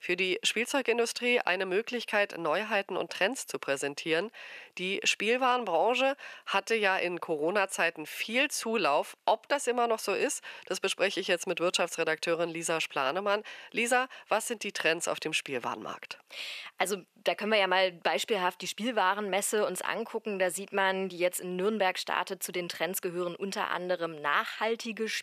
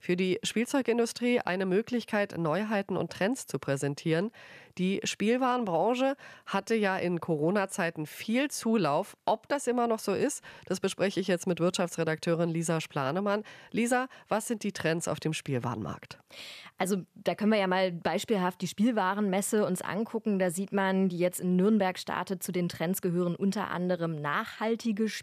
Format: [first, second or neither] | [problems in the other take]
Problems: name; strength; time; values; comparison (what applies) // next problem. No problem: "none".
second | thin; somewhat; fading below 400 Hz